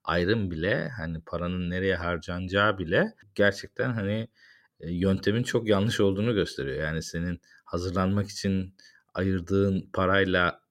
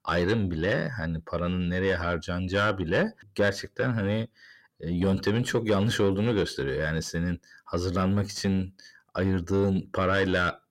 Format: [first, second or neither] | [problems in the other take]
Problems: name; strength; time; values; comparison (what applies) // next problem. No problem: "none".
first | distortion; slight; 10 dB below the speech